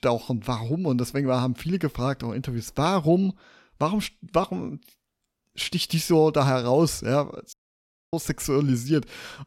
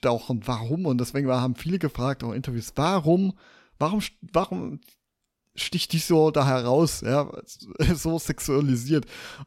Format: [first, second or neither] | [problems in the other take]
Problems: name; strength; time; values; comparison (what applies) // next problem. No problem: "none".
second | audio cutting out; at 7.5 s for 0.5 s